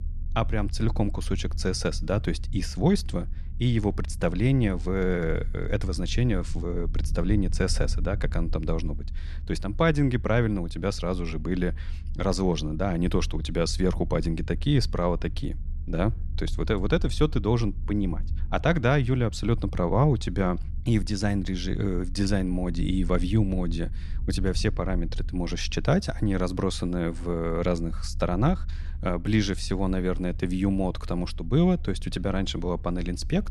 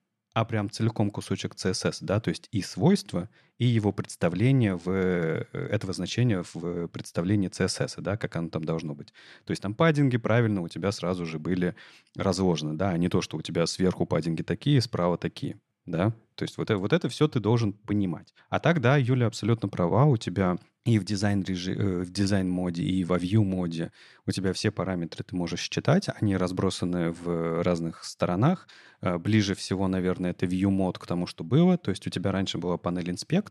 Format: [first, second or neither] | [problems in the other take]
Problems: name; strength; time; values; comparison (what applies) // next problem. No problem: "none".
second | low rumble; faint; throughout; 25 dB below the speech